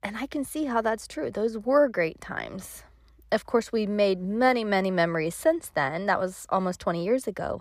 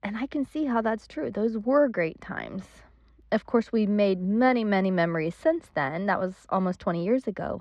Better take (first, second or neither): first